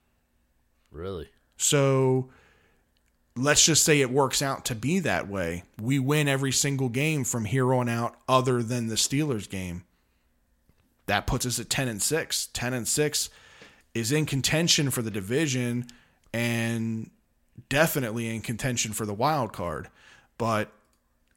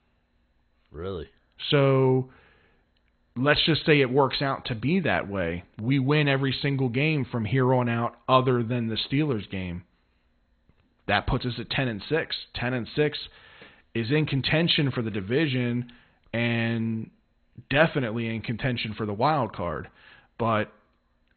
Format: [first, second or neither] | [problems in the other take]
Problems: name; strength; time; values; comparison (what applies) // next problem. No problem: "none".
first | garbled, watery; badly; nothing above 4 kHz